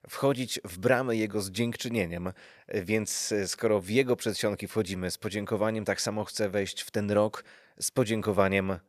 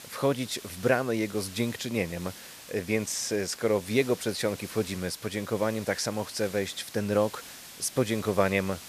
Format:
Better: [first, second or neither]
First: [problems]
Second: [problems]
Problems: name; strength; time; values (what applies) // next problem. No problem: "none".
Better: first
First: none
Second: hiss; noticeable; throughout; 15 dB below the speech